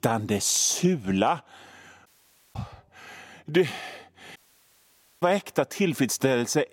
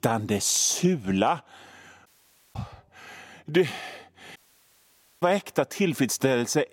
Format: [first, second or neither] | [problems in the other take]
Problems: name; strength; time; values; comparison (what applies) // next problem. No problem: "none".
neither | audio cutting out; at 2 s and at 4.5 s for 1 s; the same in both